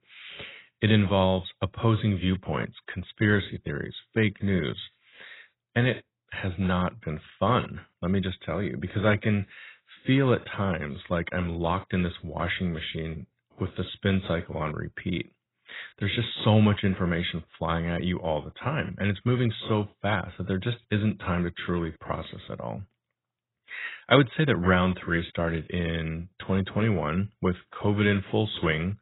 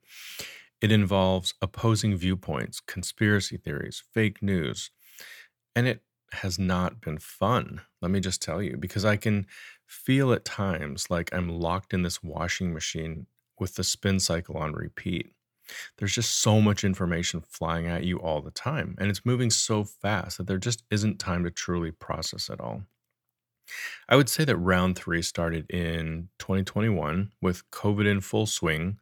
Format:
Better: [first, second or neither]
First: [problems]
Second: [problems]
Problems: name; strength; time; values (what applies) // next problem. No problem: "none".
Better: second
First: garbled, watery; badly; nothing above 4 kHz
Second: none